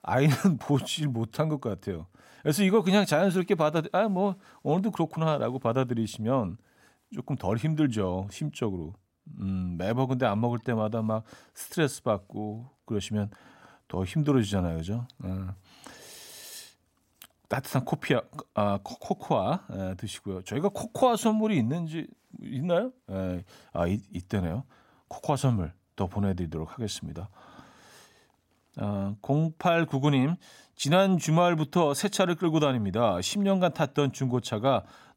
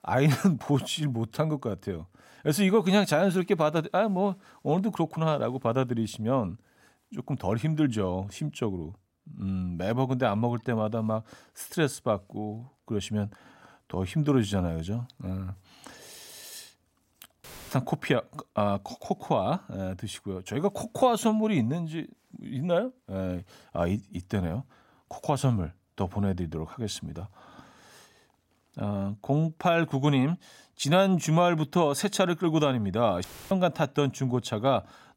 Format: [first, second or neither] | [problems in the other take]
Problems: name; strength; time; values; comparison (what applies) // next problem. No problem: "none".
first | audio cutting out; filled with static; at 17 s and at 33 s